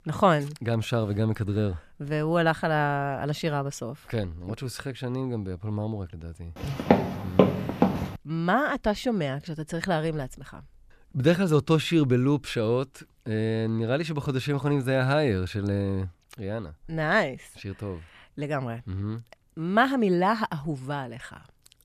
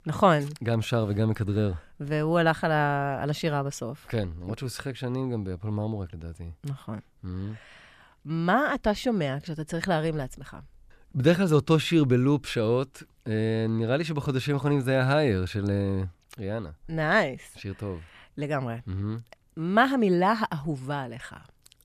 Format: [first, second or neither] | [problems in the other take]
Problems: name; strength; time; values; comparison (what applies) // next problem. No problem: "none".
second | footsteps; loud; from 7 to 8 s; peak 5 dB above the speech